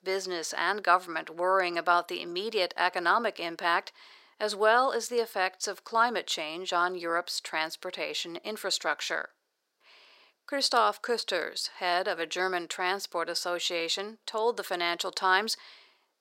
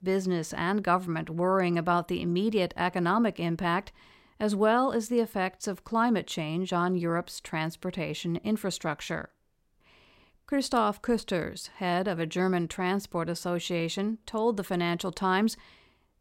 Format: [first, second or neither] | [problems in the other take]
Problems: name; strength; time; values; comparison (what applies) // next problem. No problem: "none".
second | thin; very; fading below 450 Hz